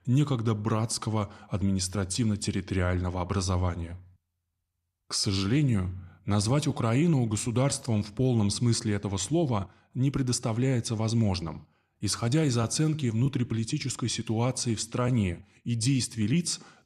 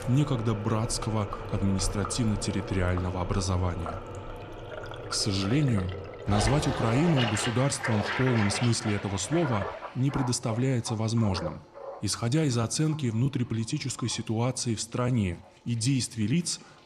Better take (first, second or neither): first